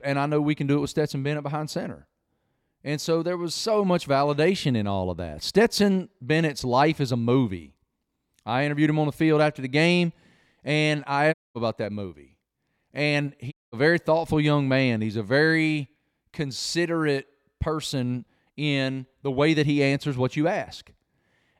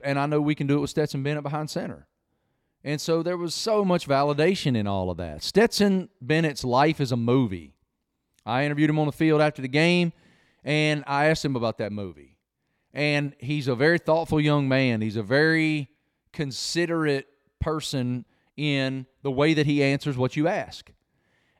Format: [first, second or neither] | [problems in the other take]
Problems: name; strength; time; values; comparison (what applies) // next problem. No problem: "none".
second | audio cutting out; at 11 s and at 14 s